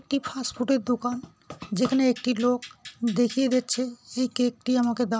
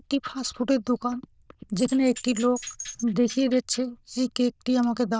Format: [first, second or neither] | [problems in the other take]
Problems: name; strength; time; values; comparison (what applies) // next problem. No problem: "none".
first | noise reduction (neural diffusion model UNIVERSE++)